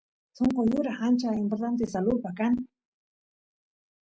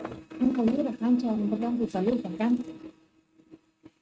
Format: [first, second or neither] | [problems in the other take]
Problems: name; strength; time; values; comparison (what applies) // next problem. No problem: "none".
first | noise reduction (neural mask model RNNoise)